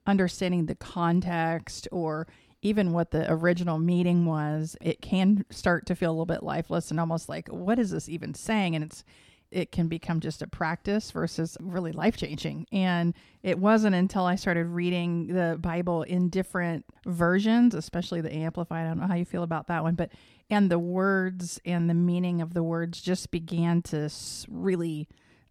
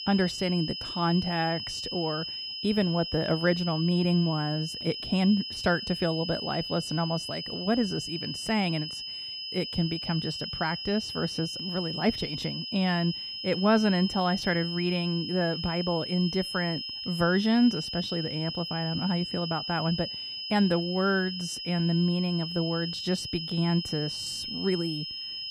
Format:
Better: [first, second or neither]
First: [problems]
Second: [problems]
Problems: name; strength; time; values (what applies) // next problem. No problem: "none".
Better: first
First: none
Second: high-pitched whine; loud; throughout; 5 kHz, 5 dB below the speech